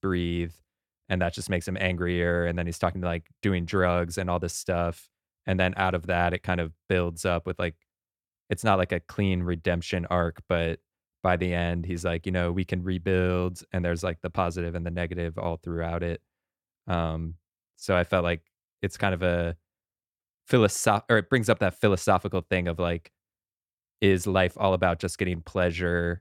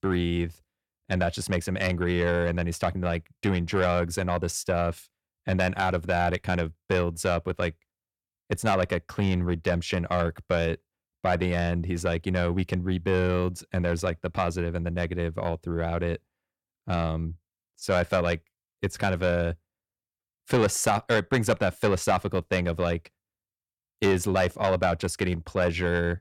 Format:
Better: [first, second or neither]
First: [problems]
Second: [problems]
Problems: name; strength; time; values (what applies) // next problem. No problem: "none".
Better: first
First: none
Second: distortion; slight; 10 dB below the speech